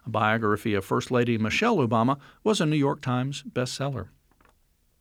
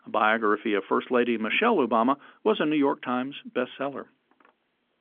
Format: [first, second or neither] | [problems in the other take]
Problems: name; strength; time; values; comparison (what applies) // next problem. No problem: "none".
first | phone-call audio; nothing above 3.5 kHz